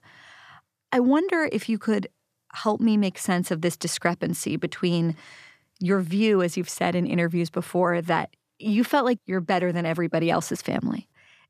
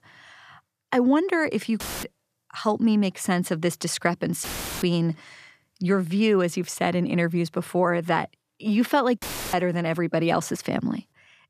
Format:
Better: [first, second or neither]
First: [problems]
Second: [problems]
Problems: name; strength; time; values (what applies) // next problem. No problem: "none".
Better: first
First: none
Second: audio cutting out; filled with static; at 2 s, at 4.5 s and at 9 s